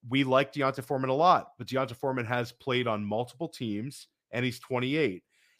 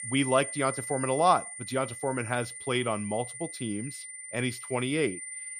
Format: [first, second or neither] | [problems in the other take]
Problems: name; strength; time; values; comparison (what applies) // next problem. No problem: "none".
first | high-pitched whine; loud; throughout; 9 kHz, 8 dB below the speech